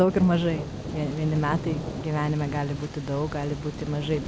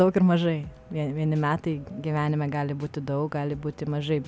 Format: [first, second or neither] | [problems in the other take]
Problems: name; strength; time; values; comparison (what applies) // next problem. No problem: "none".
second | background sound (Thunder); 8 dB below the speech